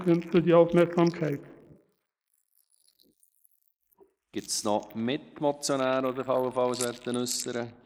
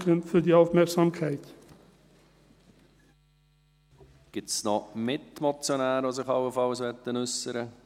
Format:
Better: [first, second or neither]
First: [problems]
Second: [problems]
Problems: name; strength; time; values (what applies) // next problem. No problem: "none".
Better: second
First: noise reduction (neural mask model Resemble Enhance denoiser)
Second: none